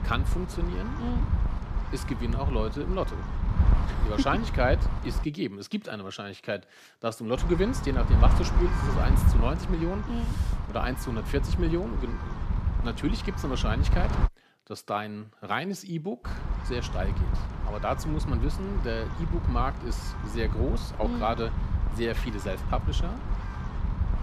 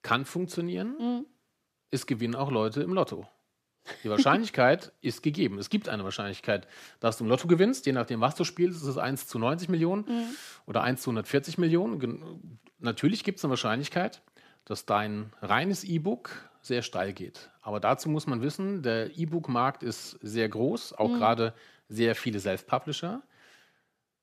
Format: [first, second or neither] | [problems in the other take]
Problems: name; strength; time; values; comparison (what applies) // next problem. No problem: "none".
second | wind noise on the microphone; heavy; until 5 s, from 7.5 to 14 s and from 16 s on; 6 dB below the speech